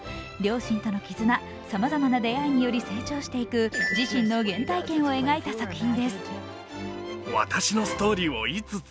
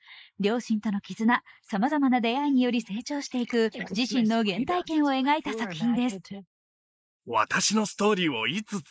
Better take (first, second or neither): first